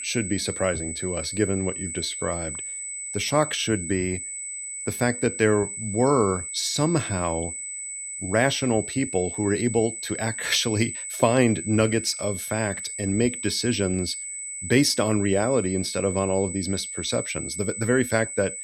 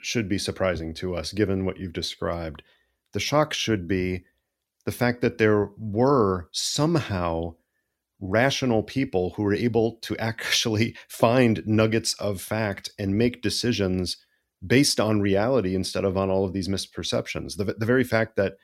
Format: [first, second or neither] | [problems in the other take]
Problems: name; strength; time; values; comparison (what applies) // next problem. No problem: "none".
second | high-pitched whine; loud; throughout; 8 kHz, 6 dB below the speech